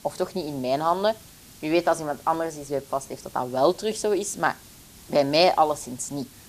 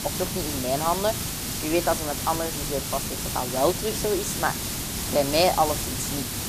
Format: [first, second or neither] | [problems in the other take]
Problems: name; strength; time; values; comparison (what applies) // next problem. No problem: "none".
first | hiss; loud; throughout; 2 dB below the speech; faint in the first